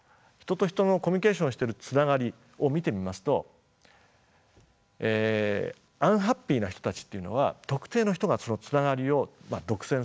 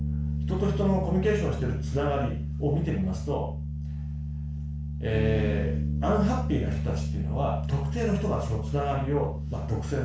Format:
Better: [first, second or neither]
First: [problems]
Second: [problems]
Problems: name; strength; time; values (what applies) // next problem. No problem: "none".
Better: first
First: none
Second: background sound (Bass guitar); as loud as the speech // room echo; dies away in 0.4 s